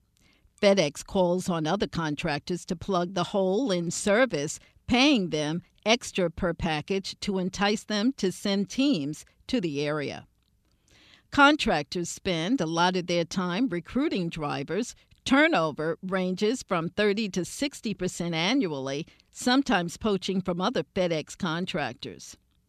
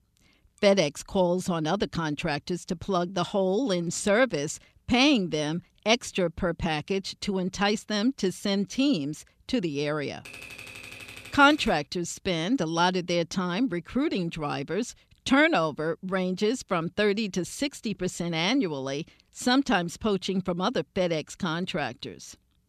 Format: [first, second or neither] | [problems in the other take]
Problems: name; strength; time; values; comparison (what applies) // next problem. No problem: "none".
first | keyboard typing; faint; from 10 to 12 s; peak 15 dB below the speech